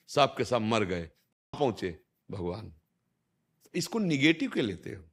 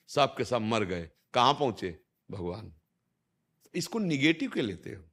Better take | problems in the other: second | audio cutting out; at 1.5 s

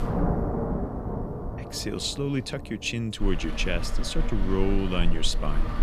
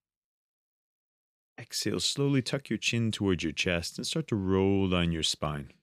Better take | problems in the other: second | rain or running water; loud; throughout; 3 dB below the speech

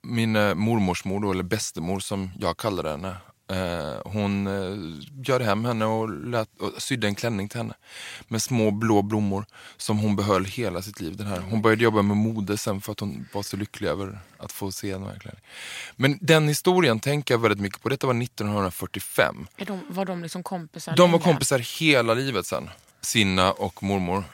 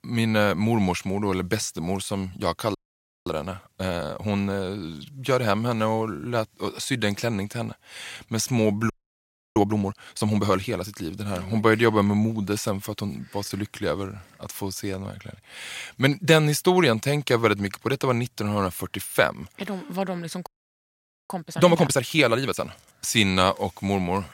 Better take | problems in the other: first | audio freezing; at 3 s for 0.5 s, at 9 s for 0.5 s and at 20 s for 1 s

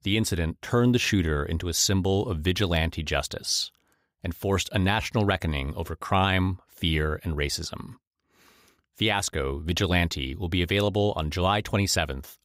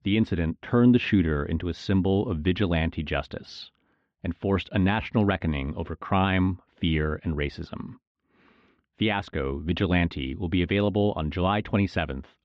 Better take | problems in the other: first | muffled; very; fading above 3 kHz

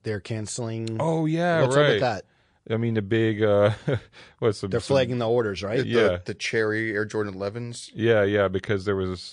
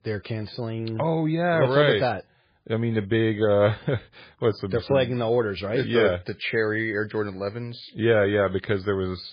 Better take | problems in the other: first | garbled, watery; badly; nothing above 4 kHz; slightly in the first

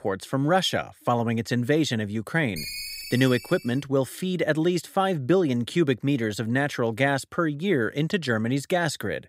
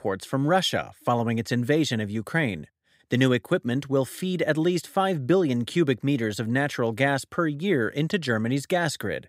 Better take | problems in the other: second | phone ringing; noticeable; from 2.5 to 3.5 s; peak 7 dB below the speech

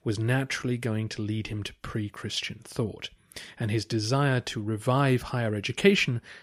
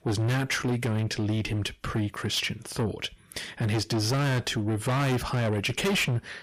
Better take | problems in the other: first | distortion; heavy; 6 dB below the speech

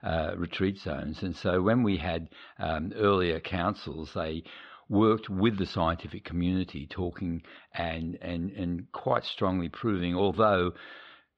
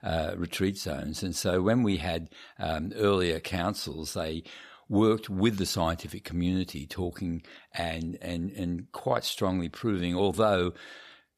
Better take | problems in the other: second | muffled; slightly; fading above 3.5 kHz

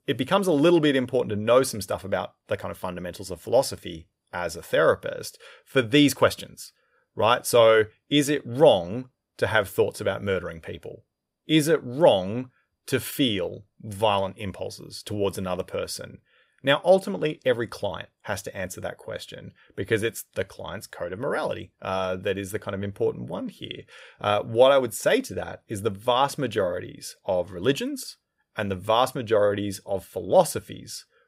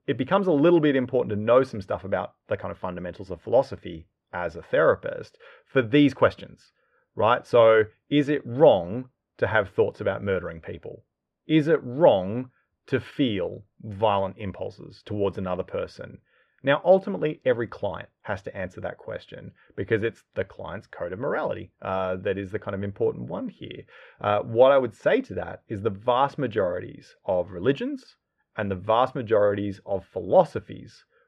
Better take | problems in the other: first | muffled; very; fading above 2 kHz

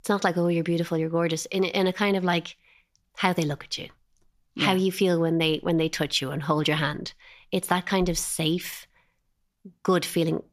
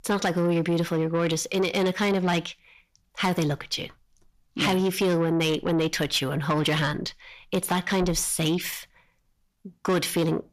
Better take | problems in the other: first | distortion; slight; 10 dB below the speech

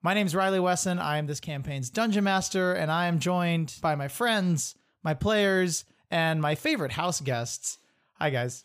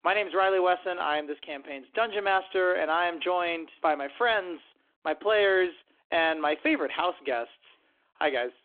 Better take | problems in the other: first | phone-call audio; nothing above 3.5 kHz

